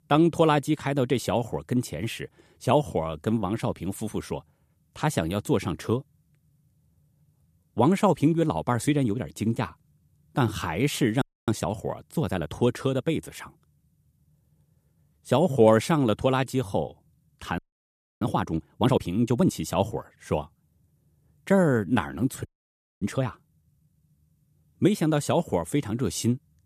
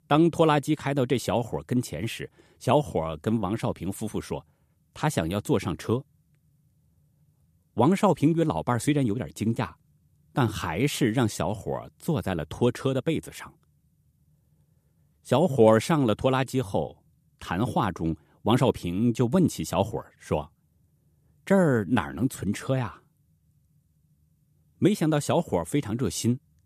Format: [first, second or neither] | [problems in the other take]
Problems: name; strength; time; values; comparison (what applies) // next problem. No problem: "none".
second | audio freezing; at 11 s, at 18 s for 0.5 s and at 22 s for 0.5 s